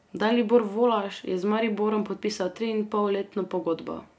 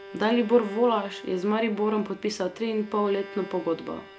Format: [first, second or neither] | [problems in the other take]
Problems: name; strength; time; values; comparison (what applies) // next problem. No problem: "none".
first | background sound (Bowed string instrument); 17 dB below the speech